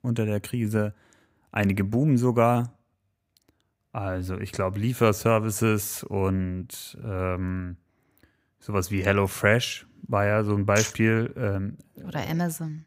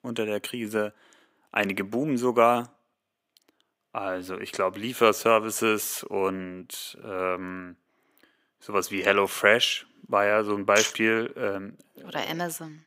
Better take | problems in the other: first | thin; somewhat; fading below 350 Hz

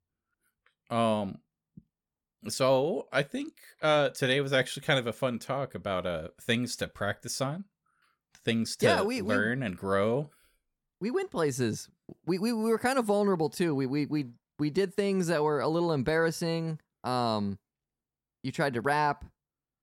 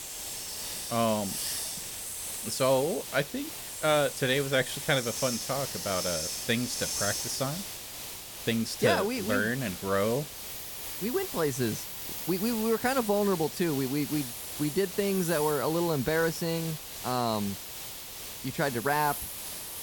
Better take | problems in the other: first | hiss; loud; throughout; 5 dB below the speech

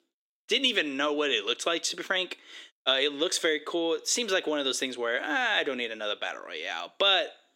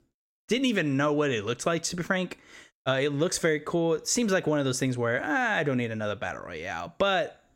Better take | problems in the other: second | thin; somewhat; fading below 300 Hz

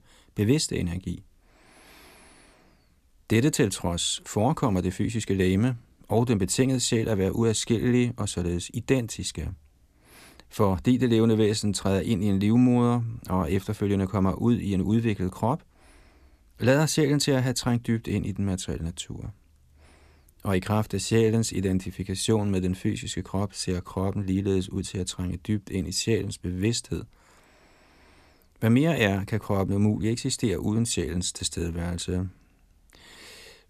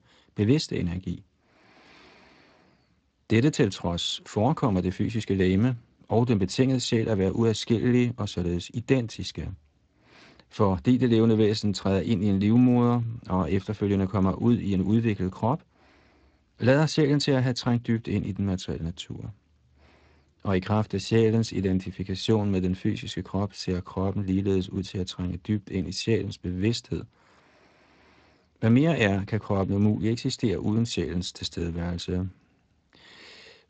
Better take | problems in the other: first | garbled, watery; slightly; nothing above 7.5 kHz

